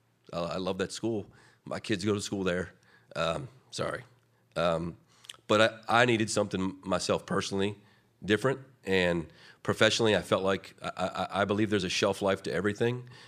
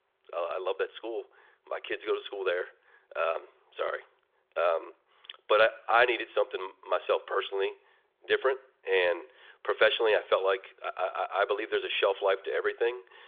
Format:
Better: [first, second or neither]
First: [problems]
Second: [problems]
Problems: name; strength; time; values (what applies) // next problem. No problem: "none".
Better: first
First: none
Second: phone-call audio; nothing above 3.5 kHz